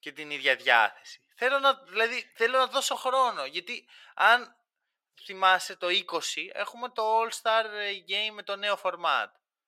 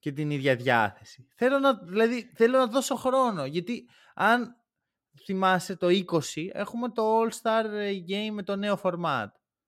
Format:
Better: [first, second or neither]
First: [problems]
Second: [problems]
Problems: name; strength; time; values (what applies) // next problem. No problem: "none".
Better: second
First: thin; very; fading below 750 Hz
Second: none